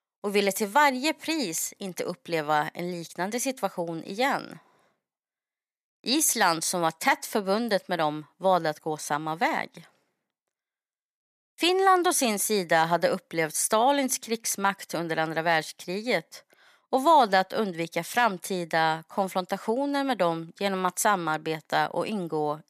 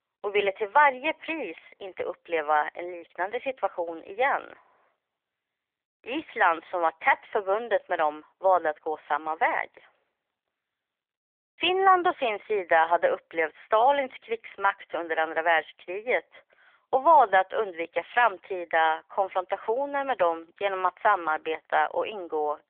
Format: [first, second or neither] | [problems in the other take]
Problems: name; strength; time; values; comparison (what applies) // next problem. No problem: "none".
first | phone-call audio; nothing above 3.5 kHz